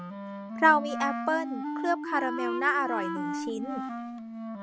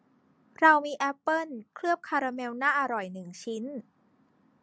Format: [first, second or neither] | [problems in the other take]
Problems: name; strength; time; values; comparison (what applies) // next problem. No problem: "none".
second | background sound (Wind instrument, woodwind instrument); 4 dB below the speech